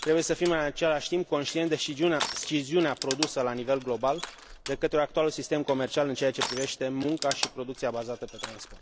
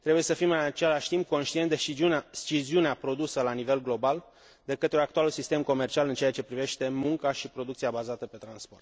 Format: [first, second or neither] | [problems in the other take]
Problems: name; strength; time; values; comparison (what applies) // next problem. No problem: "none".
second | background sound (Crushing); 11 dB below the speech